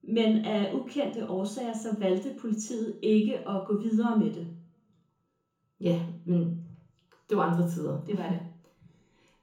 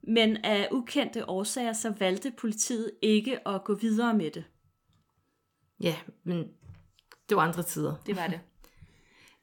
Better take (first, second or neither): second